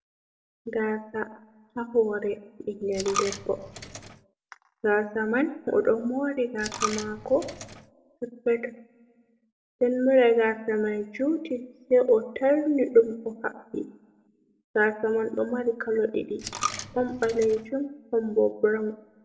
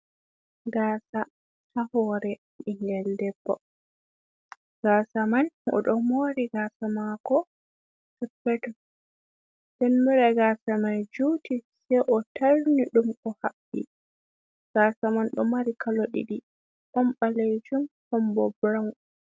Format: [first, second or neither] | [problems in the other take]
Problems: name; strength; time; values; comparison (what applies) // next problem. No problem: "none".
second | background sound (Coin (dropping)); 12 dB below the speech // room echo; dies away in 0.8 s